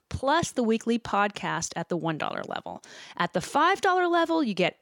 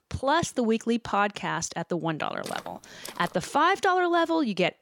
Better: first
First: none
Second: footsteps; faint; at 2.5 s; peak 15 dB below the speech

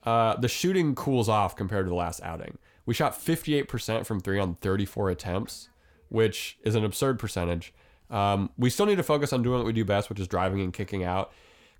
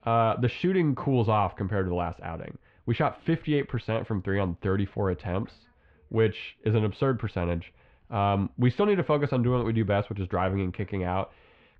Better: first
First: none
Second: muffled; very; fading above 3 kHz

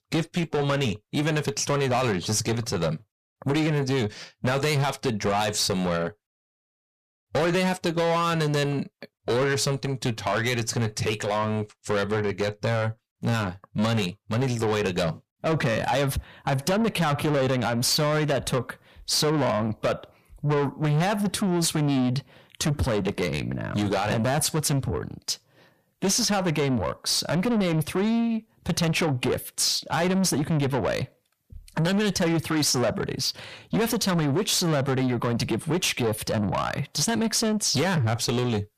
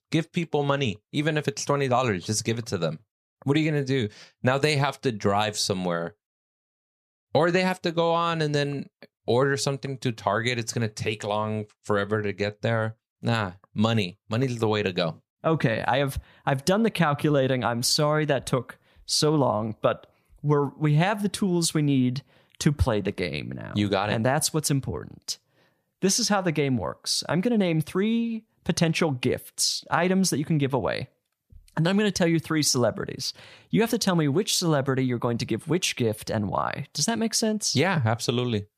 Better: second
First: distortion; heavy; 7 dB below the speech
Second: none

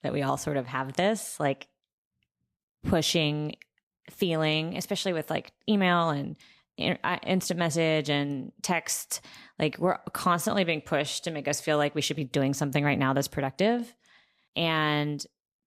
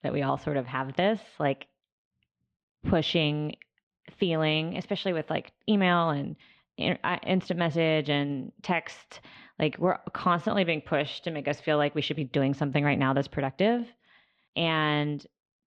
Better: first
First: none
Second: muffled; slightly; fading above 3.5 kHz

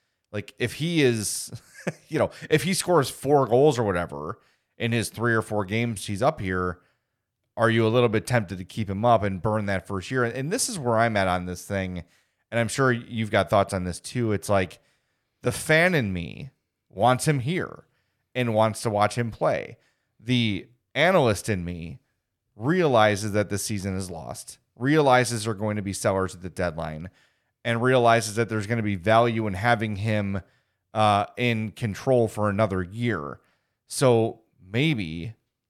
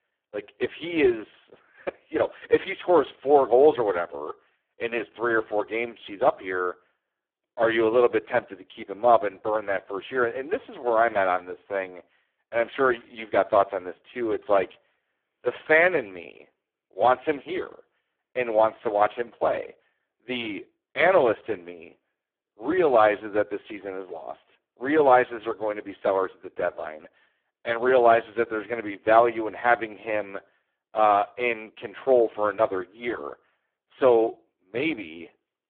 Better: first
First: none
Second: phone-call audio; poor line

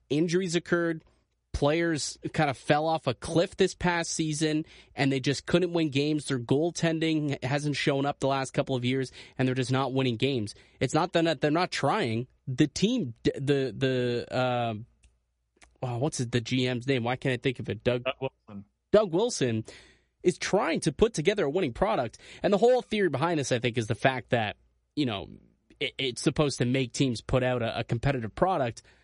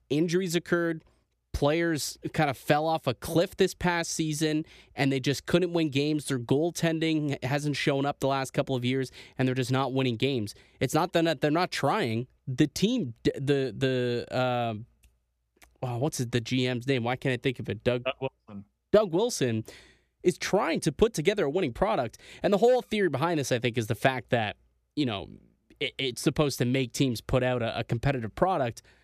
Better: second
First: garbled, watery; slightly; nothing above 10.5 kHz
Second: none

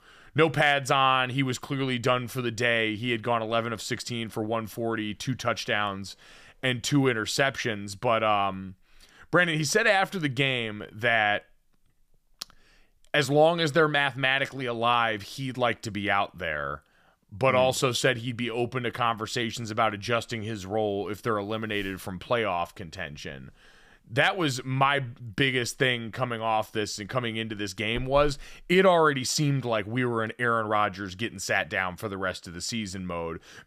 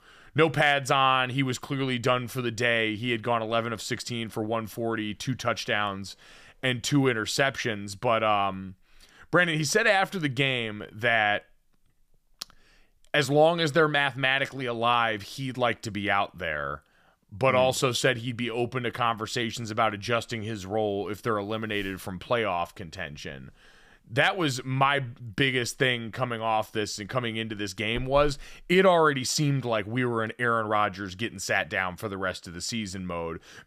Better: neither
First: none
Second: none

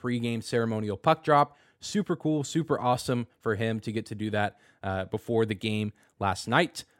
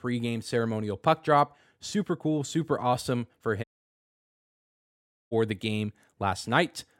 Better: first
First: none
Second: audio cutting out; at 3.5 s for 1.5 s

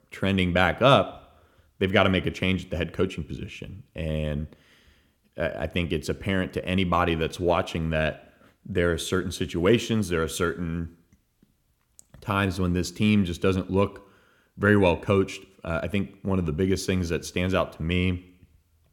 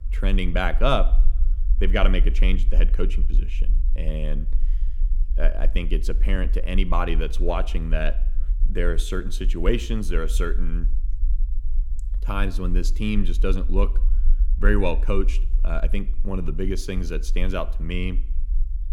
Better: first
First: none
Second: low rumble; faint; throughout; 20 dB below the speech

